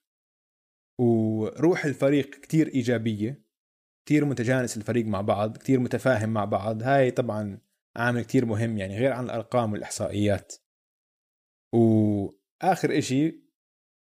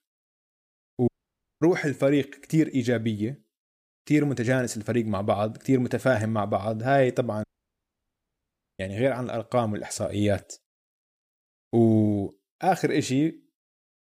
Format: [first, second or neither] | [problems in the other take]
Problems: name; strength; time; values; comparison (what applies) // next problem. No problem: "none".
first | audio cutting out; at 1 s for 0.5 s and at 7.5 s for 1.5 s